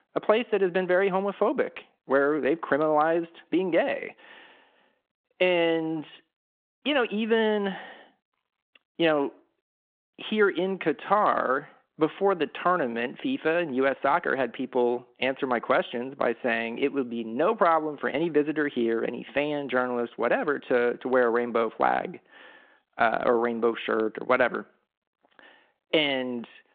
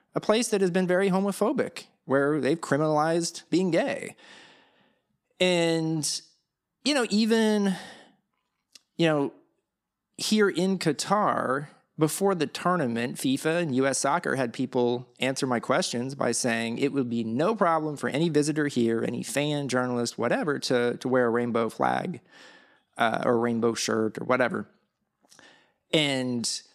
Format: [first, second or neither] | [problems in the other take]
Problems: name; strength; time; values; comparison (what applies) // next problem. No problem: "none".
second | phone-call audio